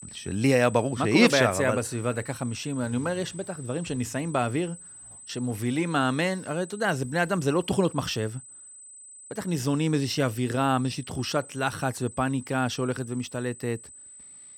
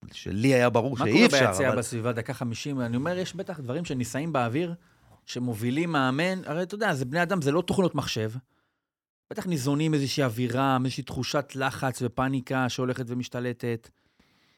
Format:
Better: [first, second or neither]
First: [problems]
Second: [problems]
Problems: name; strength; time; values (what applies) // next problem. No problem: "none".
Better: second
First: high-pitched whine; noticeable; throughout; 8 kHz, 15 dB below the speech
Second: none